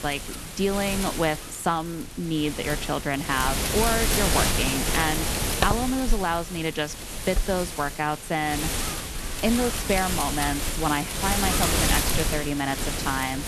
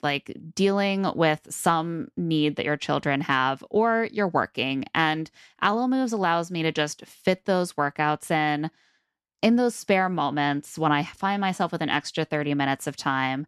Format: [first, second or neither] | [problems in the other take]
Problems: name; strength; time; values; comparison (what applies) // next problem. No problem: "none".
second | wind noise on the microphone; heavy; 2 dB below the speech